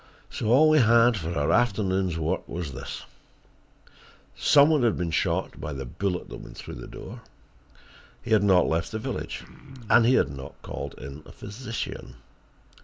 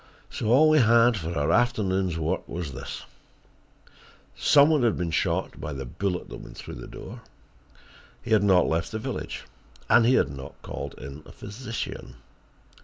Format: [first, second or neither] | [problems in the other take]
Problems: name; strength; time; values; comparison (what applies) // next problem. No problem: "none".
second | background sound (Cough); 17 dB below the speech